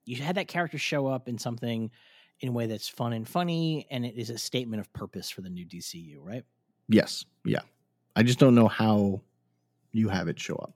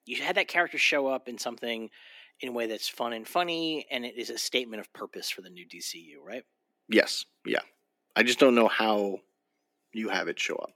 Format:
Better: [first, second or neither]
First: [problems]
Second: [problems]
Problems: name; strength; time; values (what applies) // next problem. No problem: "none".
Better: first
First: none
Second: thin; somewhat; fading below 300 Hz